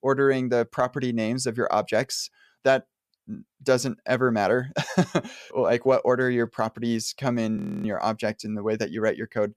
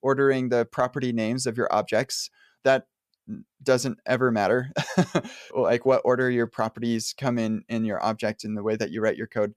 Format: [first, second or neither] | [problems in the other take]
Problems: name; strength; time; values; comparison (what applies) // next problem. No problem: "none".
second | audio freezing; at 7.5 s